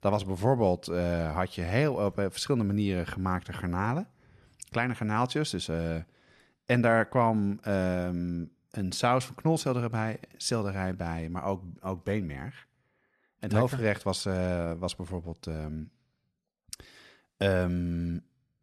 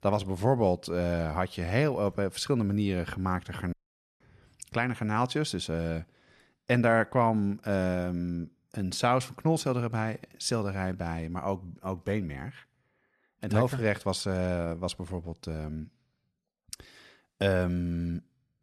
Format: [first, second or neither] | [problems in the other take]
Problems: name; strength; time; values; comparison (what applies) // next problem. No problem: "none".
first | audio cutting out; at 3.5 s